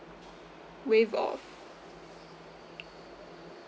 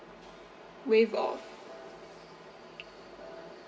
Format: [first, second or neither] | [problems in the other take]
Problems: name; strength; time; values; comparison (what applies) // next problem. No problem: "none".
first | background sound (Piano); 16 dB below the speech // room echo; dies away in 1.5 s